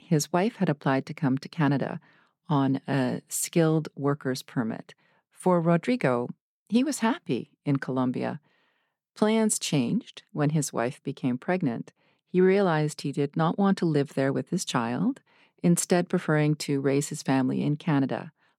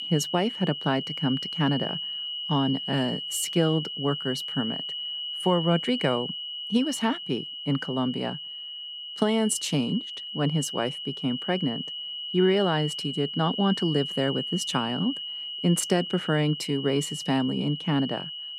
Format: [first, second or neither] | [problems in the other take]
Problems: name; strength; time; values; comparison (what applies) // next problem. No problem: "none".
first | high-pitched whine; loud; throughout; 3 kHz, 5 dB below the speech